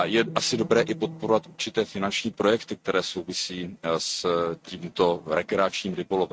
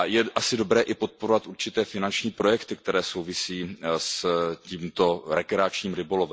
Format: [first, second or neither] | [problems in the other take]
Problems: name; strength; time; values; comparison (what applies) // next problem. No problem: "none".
second | noise reduction (neural mask model RNNoise)